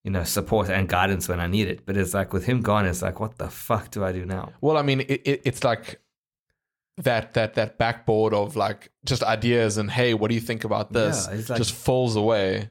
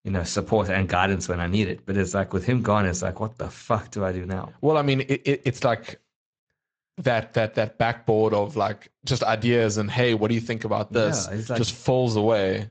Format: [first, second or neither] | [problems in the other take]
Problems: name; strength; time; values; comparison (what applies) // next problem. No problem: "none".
first | garbled, watery; slightly; nothing above 7.5 kHz